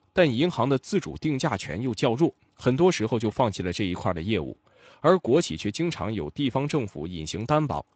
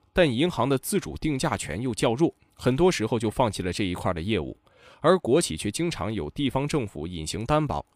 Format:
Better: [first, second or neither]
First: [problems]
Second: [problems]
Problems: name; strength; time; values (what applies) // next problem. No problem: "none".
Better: second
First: garbled, watery; slightly; nothing above 8 kHz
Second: none